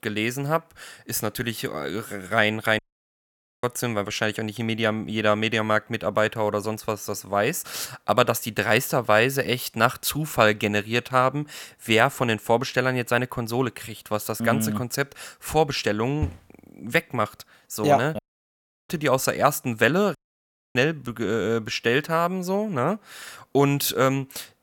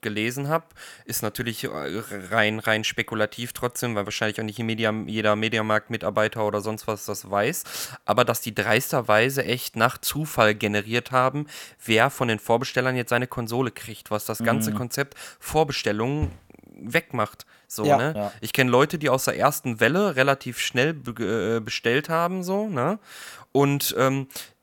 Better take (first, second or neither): second